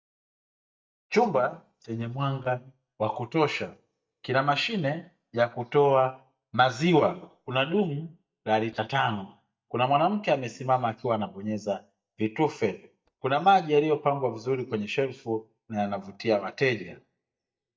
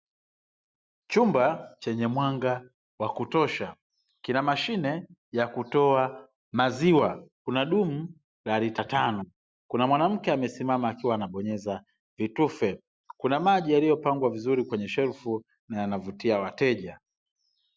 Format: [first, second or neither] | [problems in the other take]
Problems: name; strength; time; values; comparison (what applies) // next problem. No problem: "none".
second | noise reduction (neural mask model DeepFilterNet 3)